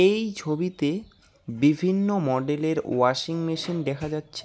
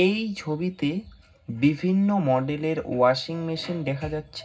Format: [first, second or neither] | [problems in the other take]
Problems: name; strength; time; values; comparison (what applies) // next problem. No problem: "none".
first | room echo; dies away in 0.4 s